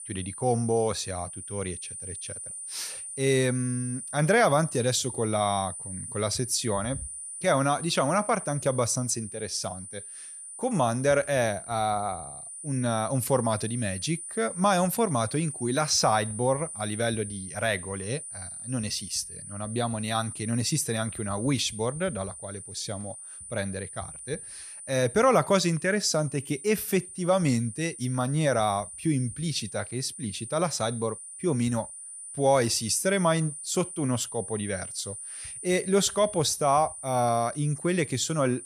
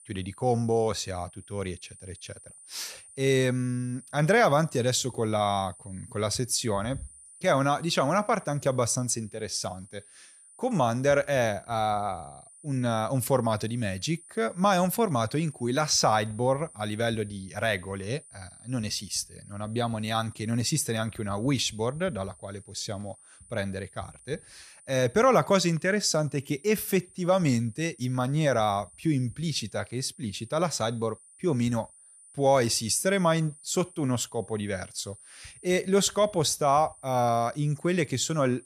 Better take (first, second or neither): second